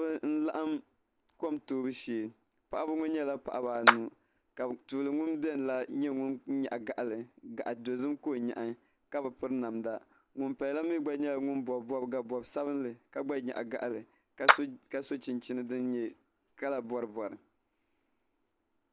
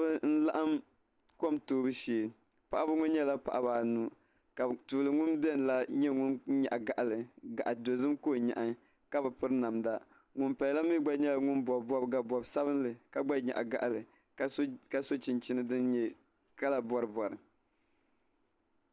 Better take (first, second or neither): second